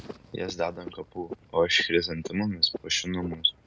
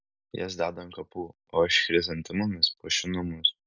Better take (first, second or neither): second